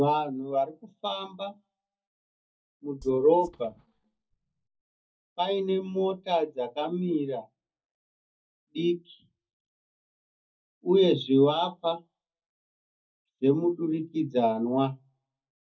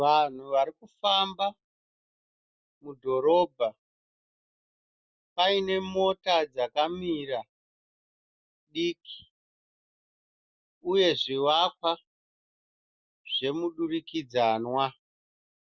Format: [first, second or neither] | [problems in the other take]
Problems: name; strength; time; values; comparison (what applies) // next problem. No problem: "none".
second | noise reduction (neural mask model DeepFilterNet 3)